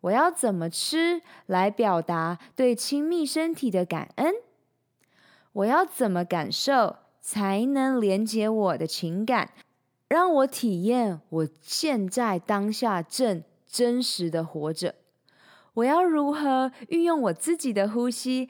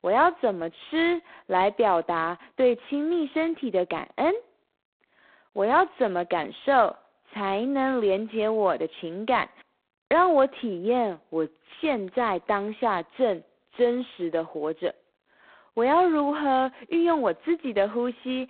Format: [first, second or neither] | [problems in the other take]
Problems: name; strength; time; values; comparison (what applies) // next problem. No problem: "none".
first | phone-call audio; poor line; nothing above 4 kHz